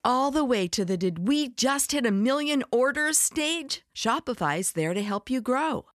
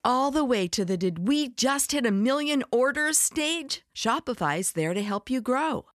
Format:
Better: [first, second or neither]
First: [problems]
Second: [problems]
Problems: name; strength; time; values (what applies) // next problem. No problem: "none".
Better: neither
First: none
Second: none